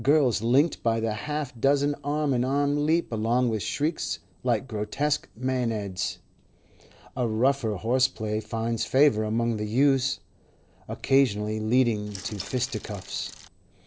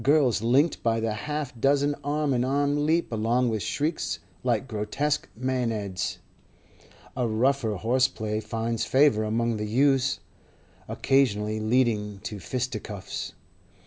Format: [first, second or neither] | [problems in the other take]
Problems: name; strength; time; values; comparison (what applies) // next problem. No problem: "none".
second | noise reduction (neural separator model SepFormer DNS4)